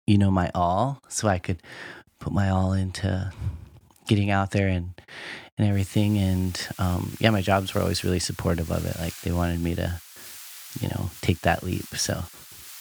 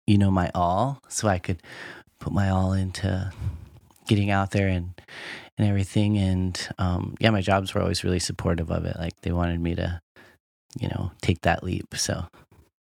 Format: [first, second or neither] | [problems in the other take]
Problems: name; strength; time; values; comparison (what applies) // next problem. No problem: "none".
second | hiss; noticeable; from 6 s on; 15 dB below the speech